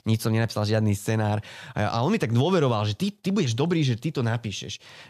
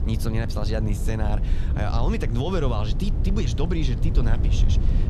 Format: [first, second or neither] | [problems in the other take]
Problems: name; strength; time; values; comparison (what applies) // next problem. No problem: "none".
first | low rumble; loud; throughout; 8 dB below the speech